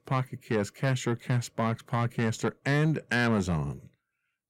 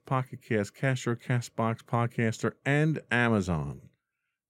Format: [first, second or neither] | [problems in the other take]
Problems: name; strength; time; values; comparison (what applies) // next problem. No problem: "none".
second | distortion; slight; 10 dB below the speech